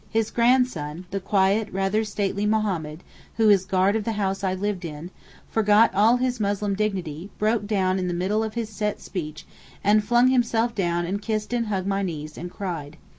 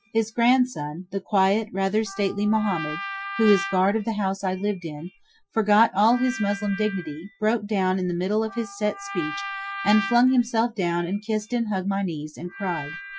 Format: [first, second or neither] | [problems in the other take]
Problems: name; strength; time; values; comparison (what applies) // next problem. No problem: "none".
first | noise reduction (classical method Wiener filter)